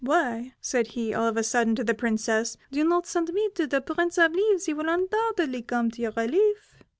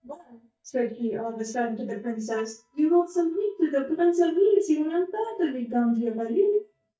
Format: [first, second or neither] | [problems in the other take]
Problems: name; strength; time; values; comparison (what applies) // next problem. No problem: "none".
first | noise reduction (neural mask model DeepFilterNet 3)